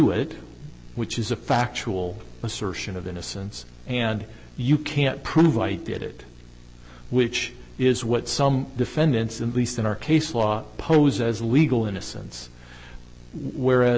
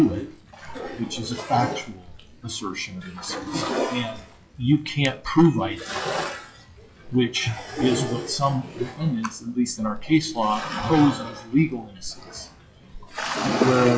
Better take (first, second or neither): first